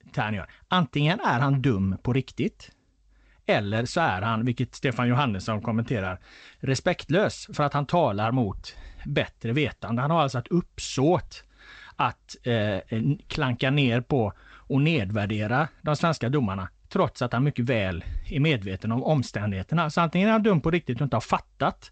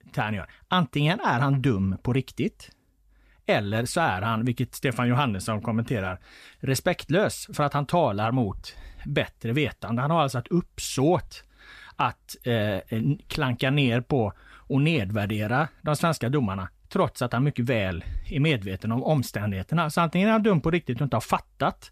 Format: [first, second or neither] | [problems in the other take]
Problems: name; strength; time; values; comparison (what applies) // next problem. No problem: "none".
second | garbled, watery; slightly; nothing above 8 kHz